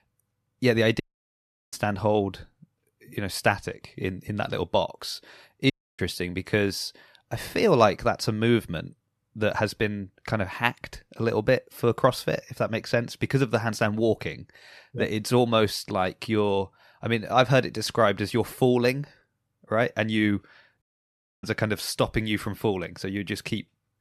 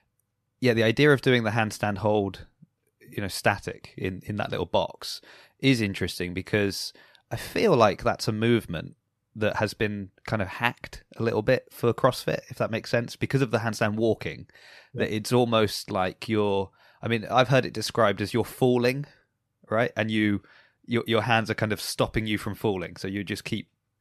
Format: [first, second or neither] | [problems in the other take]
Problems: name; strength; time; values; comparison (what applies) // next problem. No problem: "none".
second | audio cutting out; at 1 s for 0.5 s, at 5.5 s and at 21 s for 0.5 s